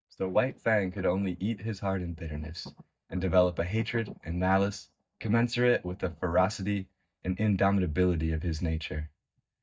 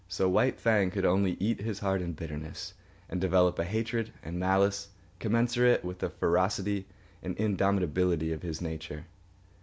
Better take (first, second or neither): second